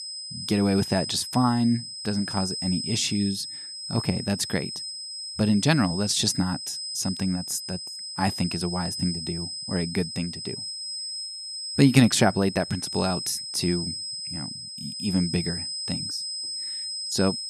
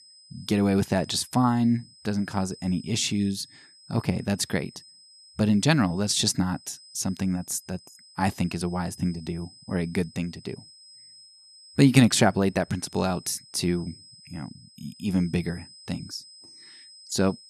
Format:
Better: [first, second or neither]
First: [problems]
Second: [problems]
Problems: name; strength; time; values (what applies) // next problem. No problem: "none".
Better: second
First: high-pitched whine; loud; throughout; 5 kHz, 6 dB below the speech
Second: high-pitched whine; faint; throughout; 5 kHz, 25 dB below the speech